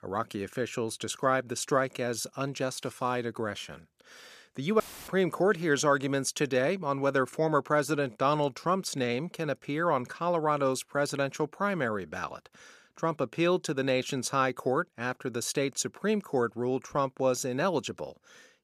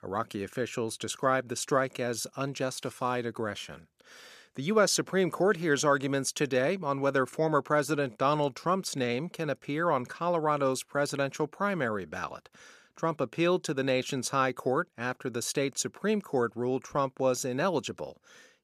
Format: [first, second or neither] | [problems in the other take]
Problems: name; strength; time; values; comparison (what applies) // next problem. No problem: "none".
second | audio cutting out; filled with static; at 5 s